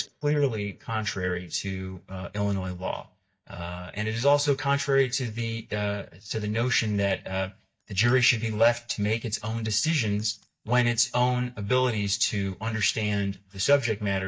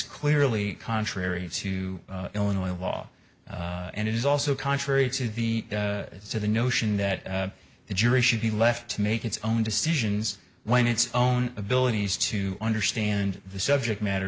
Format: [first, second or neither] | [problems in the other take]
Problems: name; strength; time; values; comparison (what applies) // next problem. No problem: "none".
second | noise reduction (neural mask model DeepFilterNet 3)